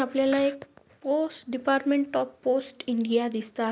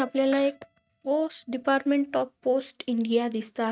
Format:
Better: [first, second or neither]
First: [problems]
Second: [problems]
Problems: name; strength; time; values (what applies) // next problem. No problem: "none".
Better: first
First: none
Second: noise reduction (neural mask model RNNoise)